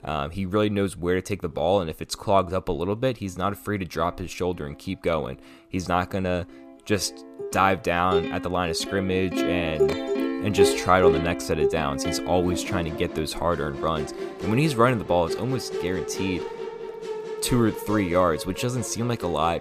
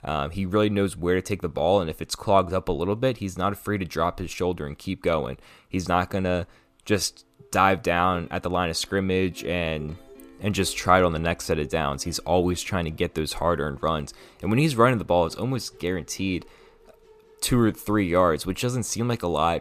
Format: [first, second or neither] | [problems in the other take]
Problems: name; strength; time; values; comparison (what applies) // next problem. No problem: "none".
second | background music; loud; throughout; 4 dB below the speech; faint in the second